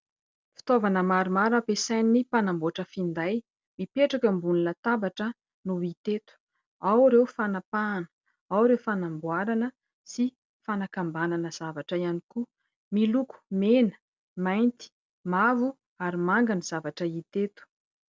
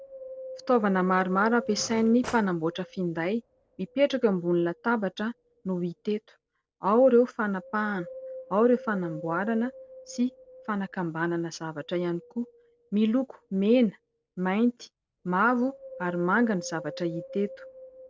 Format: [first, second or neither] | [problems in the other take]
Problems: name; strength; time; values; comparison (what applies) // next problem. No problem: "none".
first | background sound (Cutlery, silverware / Drawer open or close + Wind); 18 dB below the speech